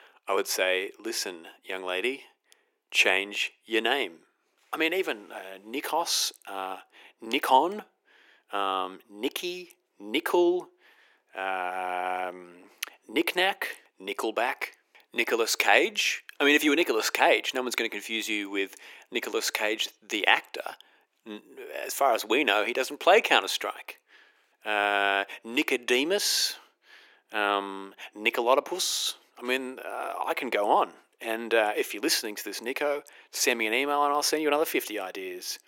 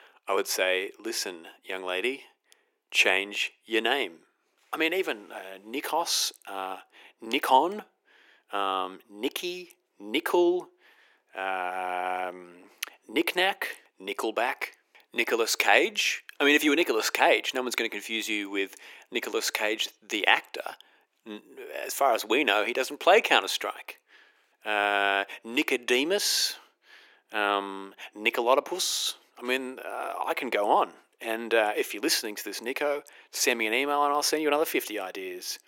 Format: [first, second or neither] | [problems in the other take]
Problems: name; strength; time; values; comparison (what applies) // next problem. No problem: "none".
neither | thin; very; fading below 350 Hz; the same in both